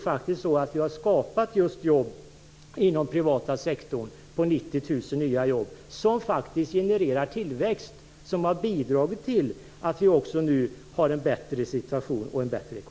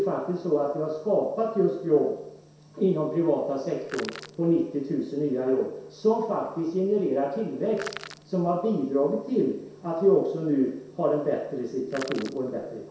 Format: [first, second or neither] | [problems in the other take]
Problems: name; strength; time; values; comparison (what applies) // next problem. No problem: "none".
first | background sound (Crushing); 15 dB below the speech // room echo; dies away in 0.7 s